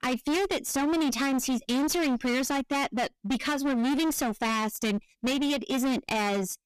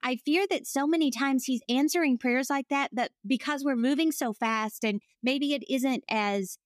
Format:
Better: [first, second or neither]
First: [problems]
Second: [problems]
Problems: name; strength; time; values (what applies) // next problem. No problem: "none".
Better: second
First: distortion; heavy; 34% of the sound clipped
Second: none